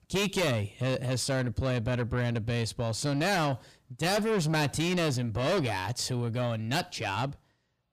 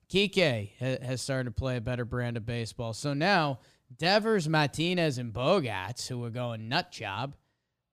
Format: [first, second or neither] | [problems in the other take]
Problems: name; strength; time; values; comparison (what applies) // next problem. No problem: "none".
second | distortion; heavy; 6 dB below the speech